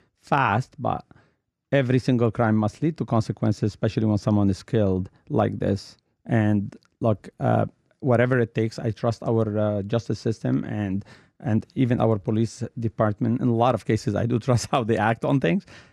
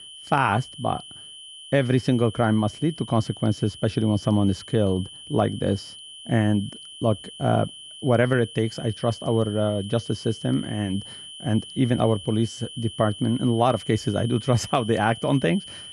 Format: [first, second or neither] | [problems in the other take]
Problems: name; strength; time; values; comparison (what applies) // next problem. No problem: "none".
first | high-pitched whine; noticeable; throughout; 3 kHz, 15 dB below the speech